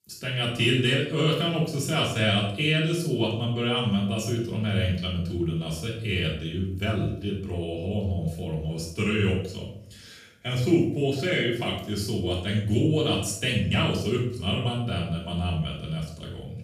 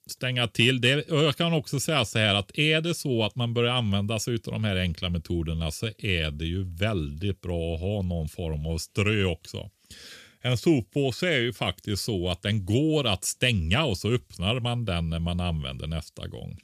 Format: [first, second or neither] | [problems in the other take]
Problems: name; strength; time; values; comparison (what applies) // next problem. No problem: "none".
second | room echo; noticeable; dies away in 0.5 s // off-mic speech; far